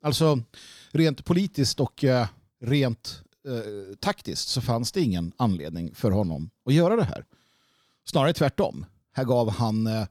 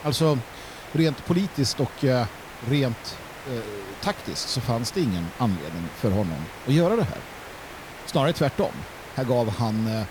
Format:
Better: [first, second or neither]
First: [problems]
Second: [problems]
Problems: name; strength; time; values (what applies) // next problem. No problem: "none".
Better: first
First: none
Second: hiss; noticeable; throughout; 15 dB below the speech